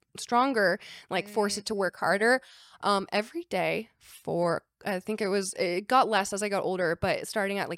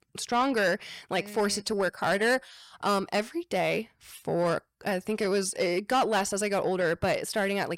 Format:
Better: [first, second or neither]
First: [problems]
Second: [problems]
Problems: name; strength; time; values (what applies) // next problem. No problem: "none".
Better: first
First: none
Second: distortion; slight; 10 dB below the speech